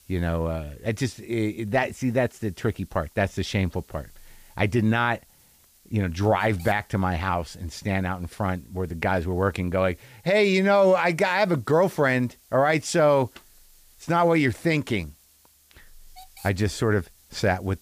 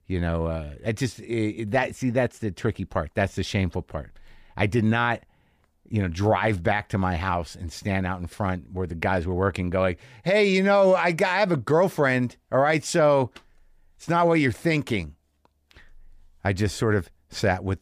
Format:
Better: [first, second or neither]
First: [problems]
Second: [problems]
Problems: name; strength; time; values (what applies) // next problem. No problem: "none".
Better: second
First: hiss; faint; throughout; 30 dB below the speech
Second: none